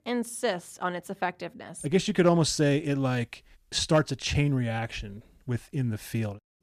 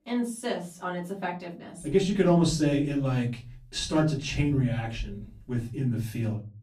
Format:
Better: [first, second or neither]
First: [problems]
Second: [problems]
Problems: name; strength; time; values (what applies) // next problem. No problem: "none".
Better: first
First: none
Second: off-mic speech; far // room echo; slight; dies away in 0.4 s